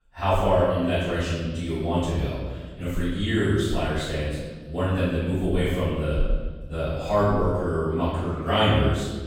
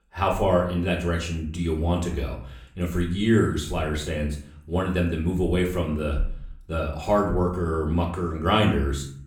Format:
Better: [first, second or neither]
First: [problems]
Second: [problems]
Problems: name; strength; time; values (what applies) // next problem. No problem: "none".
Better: second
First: room echo; strong; dies away in 1.3 s // off-mic speech; far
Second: room echo; slight; dies away in 0.5 s // off-mic speech; somewhat distant